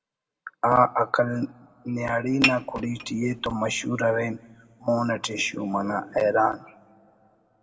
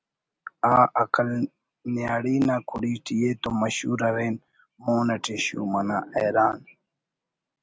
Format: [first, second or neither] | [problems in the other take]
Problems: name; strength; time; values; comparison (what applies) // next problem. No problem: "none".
second | background sound (Dishes, pots, and pans / Chink, clink); 5 dB below the speech // room echo; dies away in 0.6 s